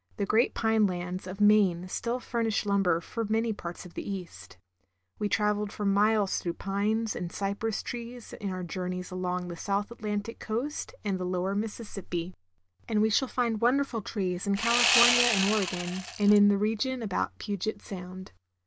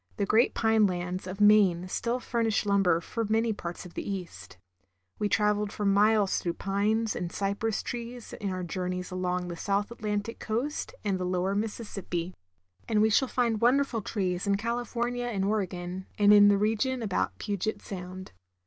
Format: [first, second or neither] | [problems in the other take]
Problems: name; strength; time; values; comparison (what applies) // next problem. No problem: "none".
second | background sound (Sawing); 1 dB above the speech